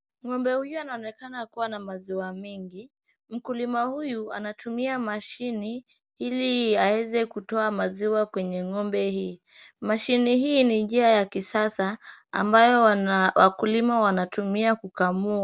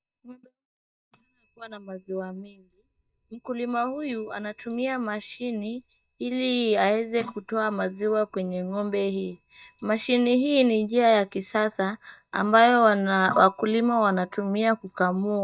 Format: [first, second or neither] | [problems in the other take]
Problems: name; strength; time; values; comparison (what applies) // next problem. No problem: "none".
first | noise reduction (neural mask model DeepFilterNet 3)